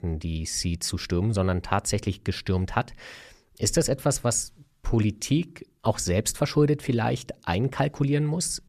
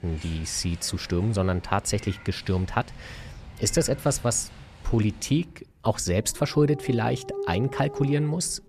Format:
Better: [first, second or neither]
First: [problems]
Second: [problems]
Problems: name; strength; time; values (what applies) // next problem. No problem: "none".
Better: first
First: none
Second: animal sounds; noticeable; throughout; 15 dB below the speech